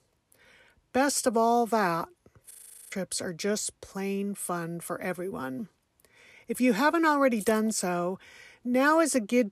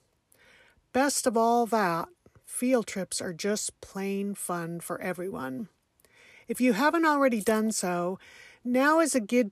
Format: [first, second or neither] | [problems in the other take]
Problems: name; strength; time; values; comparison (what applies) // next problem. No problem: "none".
second | audio freezing; at 2.5 s